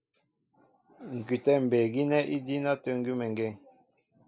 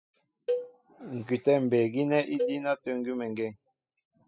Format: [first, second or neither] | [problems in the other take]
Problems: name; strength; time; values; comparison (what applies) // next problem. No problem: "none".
first | noise reduction (classical method spectral subtraction)